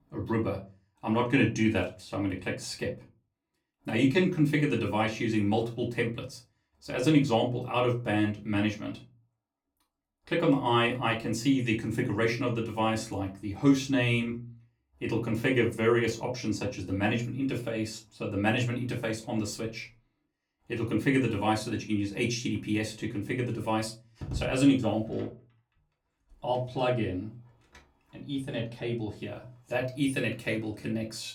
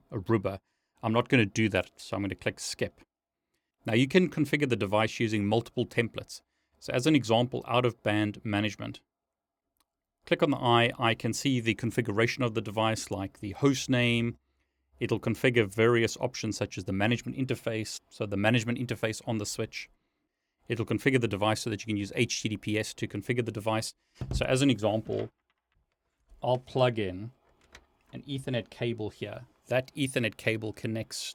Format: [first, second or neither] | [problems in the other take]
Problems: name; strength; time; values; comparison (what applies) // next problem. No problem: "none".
second | off-mic speech; far // room echo; very slight; dies away in 0.3 s